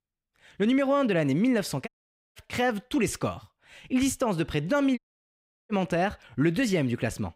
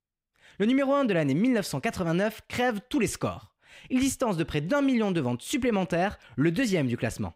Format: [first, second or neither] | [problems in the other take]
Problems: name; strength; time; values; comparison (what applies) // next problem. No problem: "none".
second | audio cutting out; at 2 s and at 5 s for 0.5 s